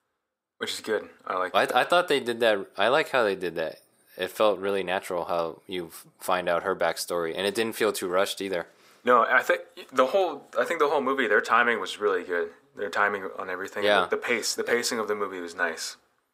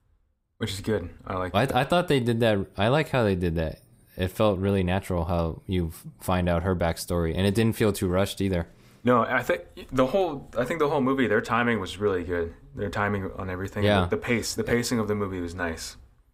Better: second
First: thin; somewhat; fading below 450 Hz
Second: none

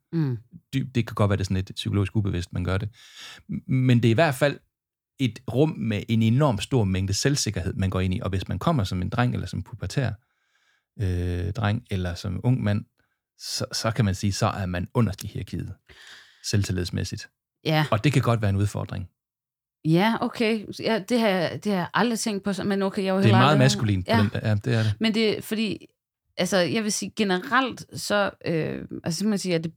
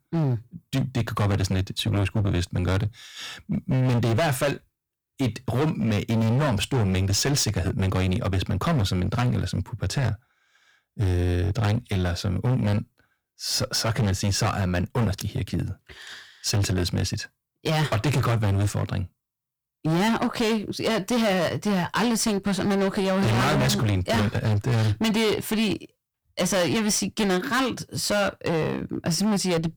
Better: first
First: none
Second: distortion; heavy; 21% of the sound clipped

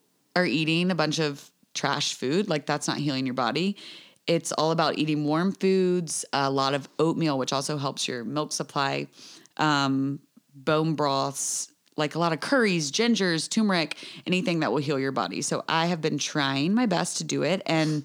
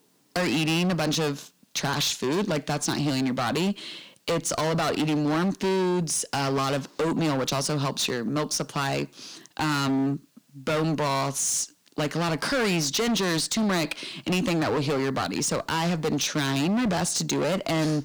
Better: first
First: none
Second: distortion; heavy; 24% of the sound clipped

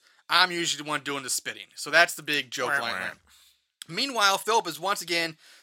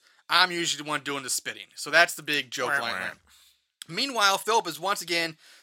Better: neither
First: thin; somewhat; fading below 1 kHz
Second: thin; somewhat; fading below 1 kHz

